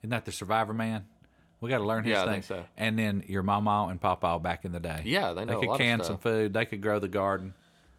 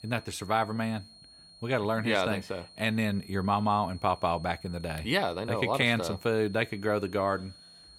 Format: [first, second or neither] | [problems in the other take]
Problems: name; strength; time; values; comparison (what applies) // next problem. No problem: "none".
first | high-pitched whine; faint; throughout; 4.5 kHz, 20 dB below the speech